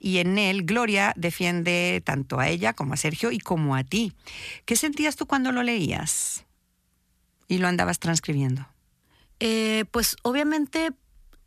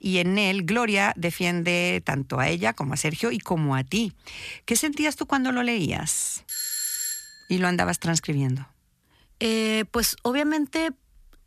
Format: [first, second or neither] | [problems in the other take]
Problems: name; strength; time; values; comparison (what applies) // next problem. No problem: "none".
first | doorbell; noticeable; at 6.5 s; peak 1 dB below the speech